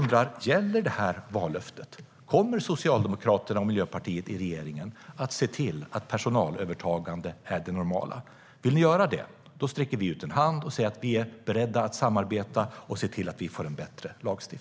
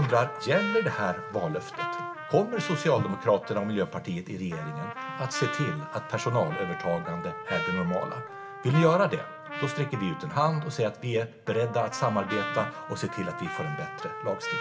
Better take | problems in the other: first | background sound (Trumpet); 8 dB below the speech // room echo; dies away in 0.2 s

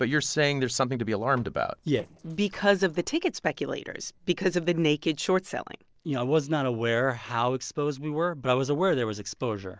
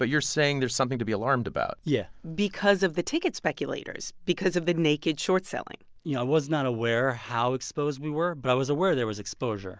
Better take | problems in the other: second | noise reduction (neural separator model SepFormer DNS4)

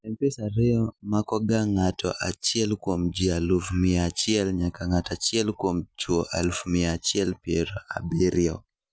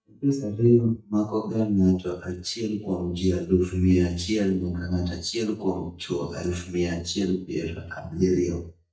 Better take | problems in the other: first | noise reduction (neural mask model DeepFilterNet 3)

